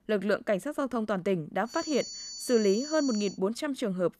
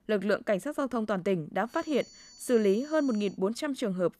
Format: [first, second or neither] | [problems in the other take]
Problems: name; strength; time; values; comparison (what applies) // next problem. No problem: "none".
second | high-pitched whine; loud; from 1.5 to 3.5 s; 4.5 kHz, 9 dB below the speech; faint in the second